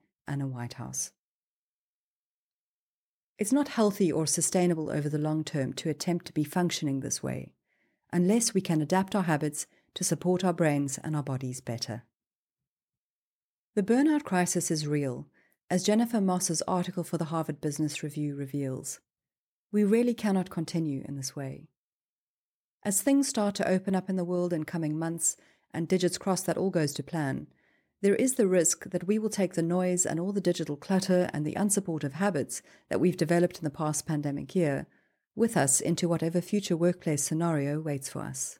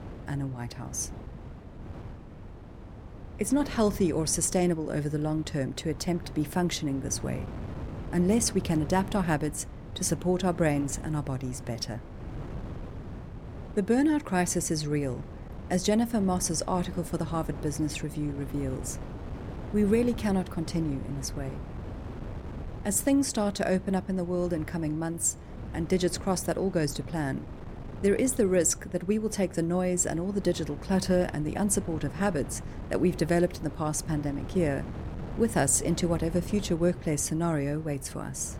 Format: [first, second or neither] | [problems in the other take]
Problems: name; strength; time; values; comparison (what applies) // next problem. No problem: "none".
first | wind noise on the microphone; occasional gusts; 15 dB below the speech